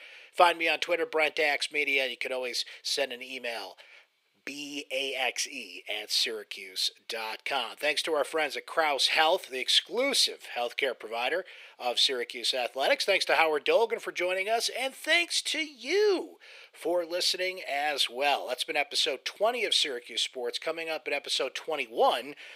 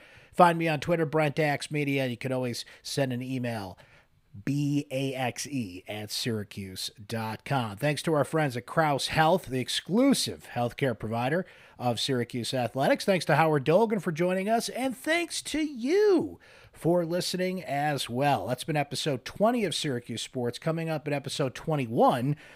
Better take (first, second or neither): second